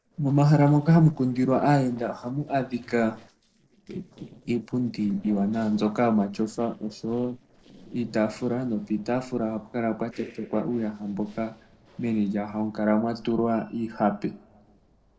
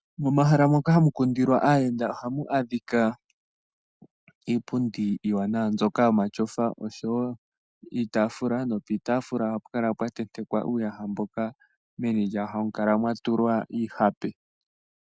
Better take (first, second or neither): second